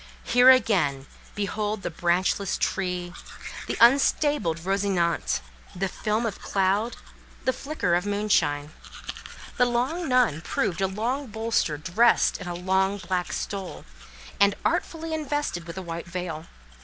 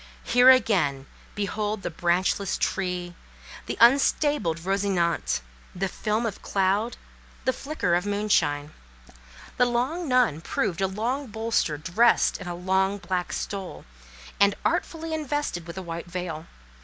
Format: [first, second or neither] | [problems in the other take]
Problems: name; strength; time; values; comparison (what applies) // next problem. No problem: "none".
second | background sound (Domestic sounds, home sounds); 18 dB below the speech